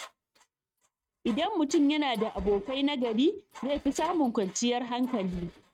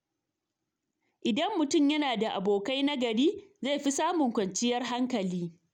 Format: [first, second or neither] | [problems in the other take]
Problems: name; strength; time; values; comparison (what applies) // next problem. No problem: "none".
second | noise reduction (neural mask model RNNoise)